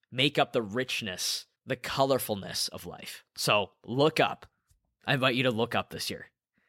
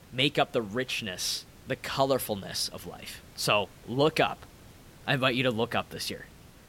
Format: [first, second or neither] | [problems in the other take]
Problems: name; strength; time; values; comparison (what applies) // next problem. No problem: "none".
first | hiss; faint; throughout; 25 dB below the speech